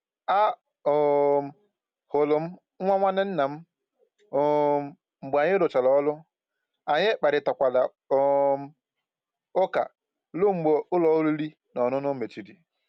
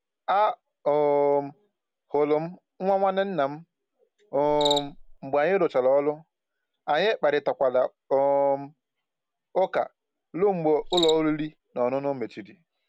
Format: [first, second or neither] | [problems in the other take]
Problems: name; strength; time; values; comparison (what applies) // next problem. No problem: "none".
first | background sound (Cricket); 16 dB below the speech